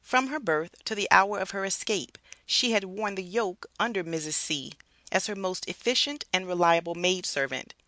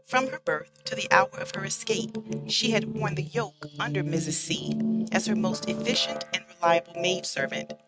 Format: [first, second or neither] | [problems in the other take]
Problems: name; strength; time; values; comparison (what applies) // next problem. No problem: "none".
first | noise reduction (neural mask model RNNoise)